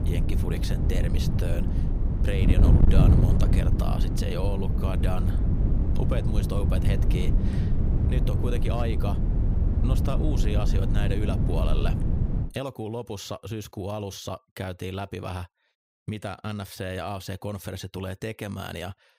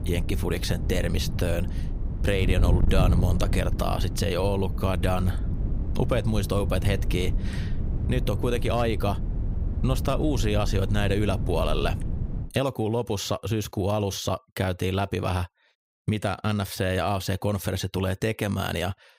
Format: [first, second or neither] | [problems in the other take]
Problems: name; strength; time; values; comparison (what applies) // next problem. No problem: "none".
second | wind noise on the microphone; heavy; until 12 s; 1 dB below the speech; occasional gusts in the second